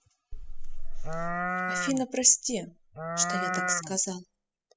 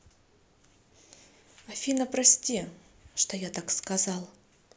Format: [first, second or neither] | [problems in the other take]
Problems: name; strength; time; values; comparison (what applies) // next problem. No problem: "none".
second | noise reduction (classical method spectral subtraction)